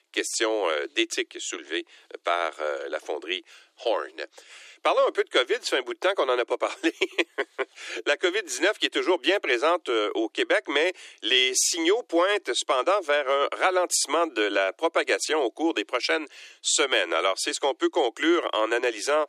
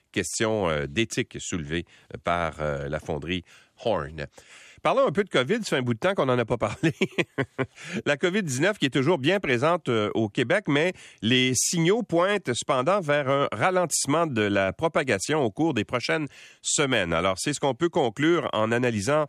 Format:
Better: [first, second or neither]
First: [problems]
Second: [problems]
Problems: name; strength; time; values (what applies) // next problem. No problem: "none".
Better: second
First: thin; very; fading below 300 Hz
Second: none